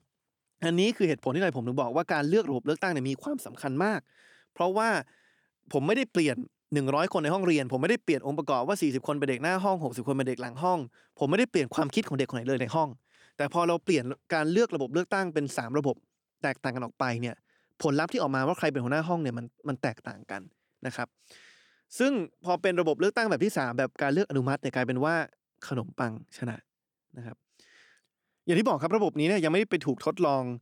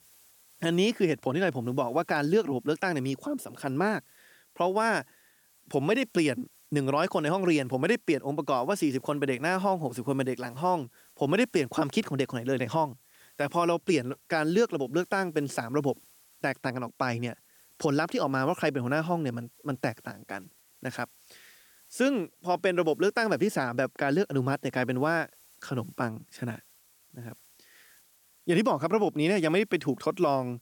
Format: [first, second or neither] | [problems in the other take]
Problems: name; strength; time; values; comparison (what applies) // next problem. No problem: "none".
first | hiss; faint; throughout; 30 dB below the speech